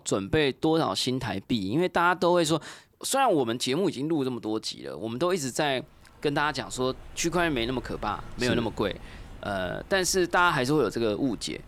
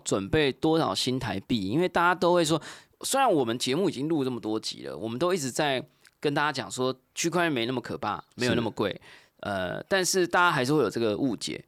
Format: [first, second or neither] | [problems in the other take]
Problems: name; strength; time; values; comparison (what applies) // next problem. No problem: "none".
second | rain or running water; faint; throughout; 20 dB below the speech